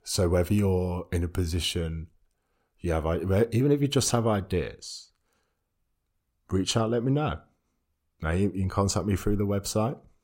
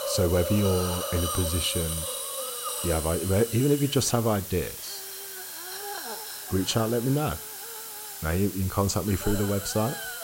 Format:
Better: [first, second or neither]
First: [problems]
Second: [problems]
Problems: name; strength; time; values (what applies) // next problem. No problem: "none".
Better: first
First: none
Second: hiss; loud; throughout; 6 dB below the speech